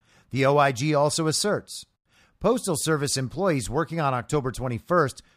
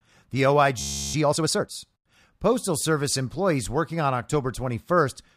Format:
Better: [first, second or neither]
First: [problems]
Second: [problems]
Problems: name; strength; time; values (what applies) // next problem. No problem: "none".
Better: first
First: none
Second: audio freezing; at 1 s